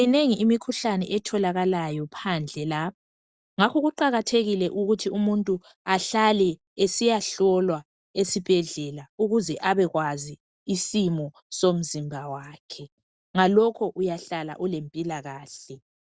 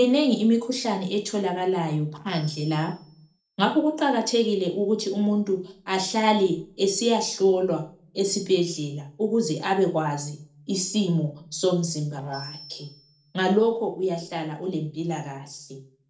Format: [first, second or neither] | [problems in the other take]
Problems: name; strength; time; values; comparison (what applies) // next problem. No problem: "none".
first | noise reduction (neural separator model SepFormer DNS4)